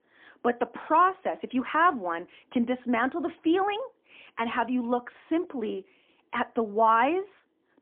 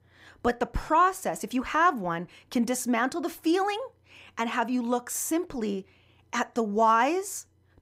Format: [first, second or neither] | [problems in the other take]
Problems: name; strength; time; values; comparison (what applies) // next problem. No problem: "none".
second | phone-call audio; poor line; nothing above 3.5 kHz